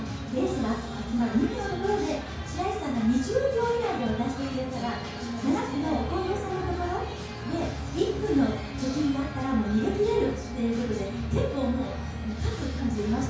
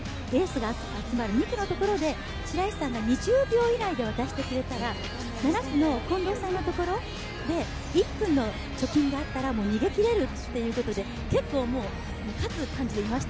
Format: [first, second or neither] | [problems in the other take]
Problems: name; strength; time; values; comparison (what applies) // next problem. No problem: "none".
second | room echo; dies away in 0.5 s